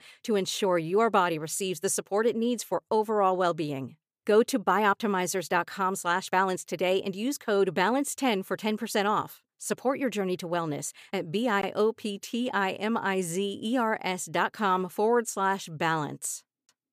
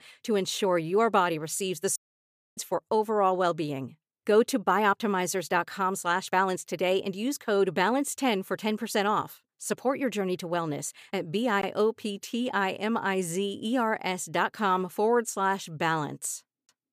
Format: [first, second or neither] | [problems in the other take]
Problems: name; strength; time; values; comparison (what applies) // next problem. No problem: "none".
first | audio cutting out; at 2 s for 0.5 s